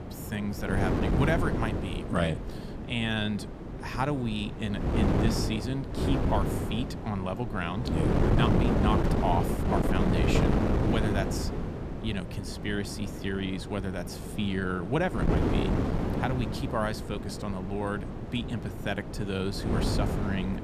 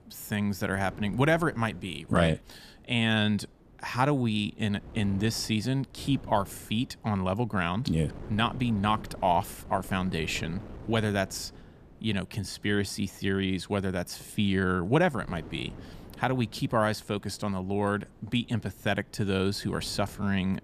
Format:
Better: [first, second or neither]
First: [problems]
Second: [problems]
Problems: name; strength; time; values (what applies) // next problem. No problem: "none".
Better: second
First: wind noise on the microphone; heavy; 1 dB below the speech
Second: wind noise on the microphone; occasional gusts; 25 dB below the speech